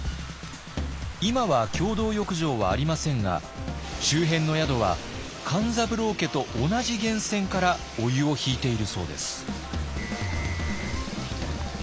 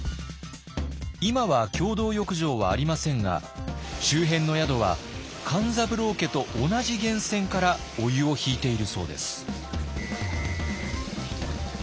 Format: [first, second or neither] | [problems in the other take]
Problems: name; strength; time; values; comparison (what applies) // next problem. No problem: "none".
second | background sound (Rain / Thunderstorm); 16 dB below the speech